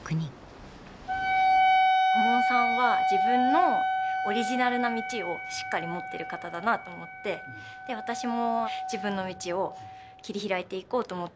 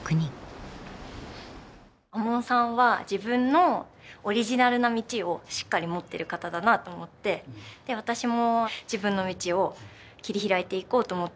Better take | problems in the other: second | background sound (Wind instrument, woodwind instrument); 3 dB above the speech

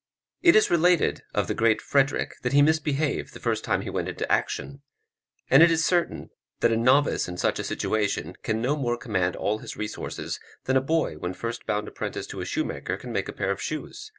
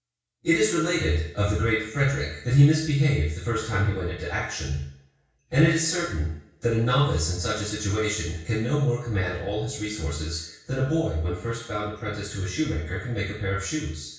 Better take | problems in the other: first | room echo; dies away in 0.6 s

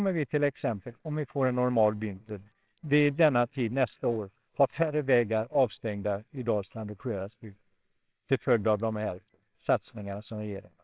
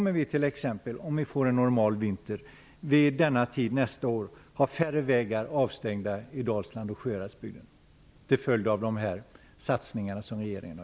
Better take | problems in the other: second | noise reduction (neural separator model SepFormer WHAMR!)

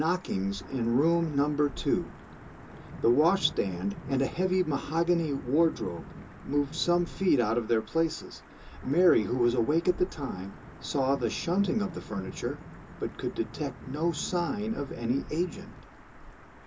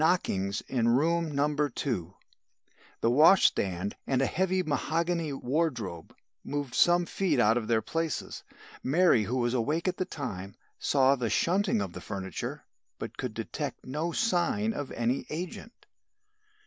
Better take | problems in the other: second | background sound (Thunder / Wind / Rain); 15 dB below the speech // room echo; dies away in 0.2 s

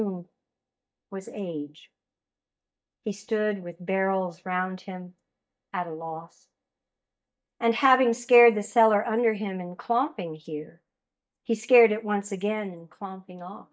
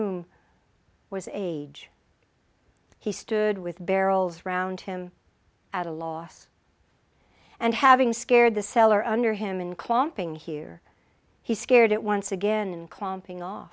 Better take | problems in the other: second | noise reduction (neural mask model DeepFilterNet 3)

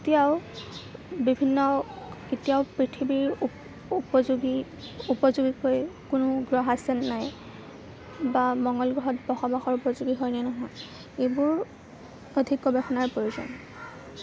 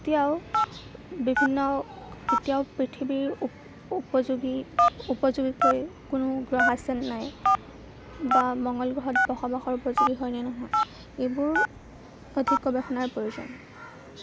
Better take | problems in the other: first | background sound (Telephone); 1 dB below the speech

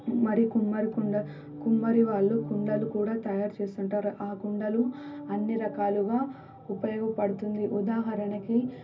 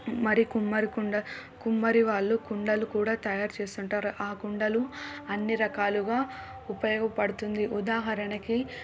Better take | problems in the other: second | background sound (Organ); 11 dB below the speech // room echo; dies away in 0.4 s

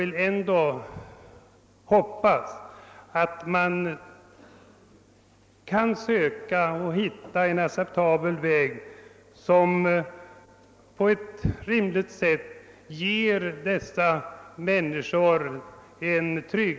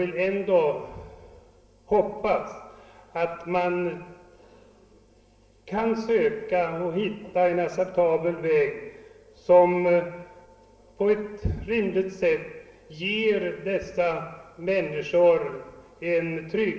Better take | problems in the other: first | room echo; dies away in 0.8 s

